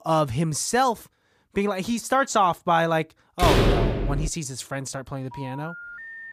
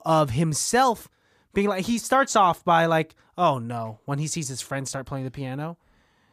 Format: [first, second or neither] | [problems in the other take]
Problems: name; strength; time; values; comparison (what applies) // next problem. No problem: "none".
second | door banging; loud; at 3.5 s; peak 6 dB above the speech // phone ringing; faint; from 5.5 s on; peak 10 dB below the speech